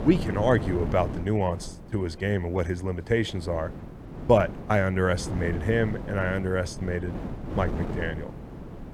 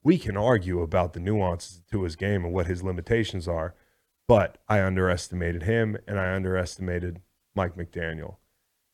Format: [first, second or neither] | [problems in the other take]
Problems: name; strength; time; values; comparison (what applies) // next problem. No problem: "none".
second | wind noise on the microphone; occasional gusts; 15 dB below the speech